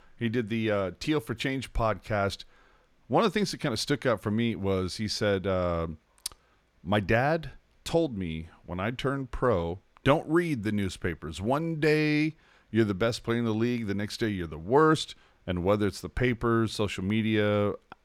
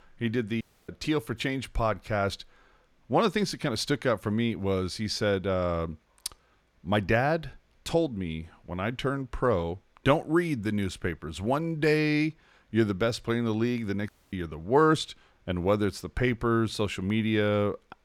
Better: first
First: none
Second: audio cutting out; at 0.5 s and at 14 s

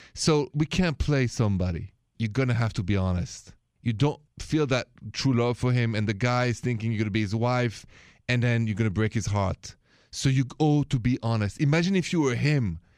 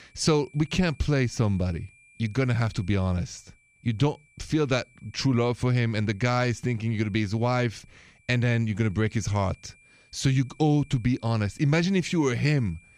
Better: first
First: none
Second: high-pitched whine; faint; throughout; 2.5 kHz, 30 dB below the speech

